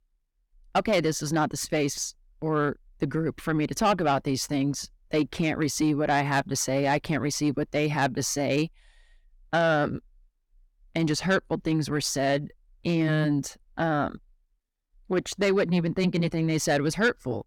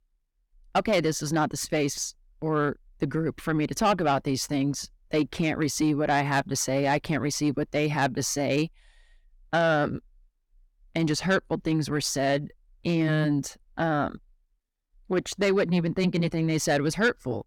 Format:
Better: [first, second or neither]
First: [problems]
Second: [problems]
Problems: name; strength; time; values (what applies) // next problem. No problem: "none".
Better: neither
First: distortion; slight; 10 dB below the speech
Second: distortion; slight; 10 dB below the speech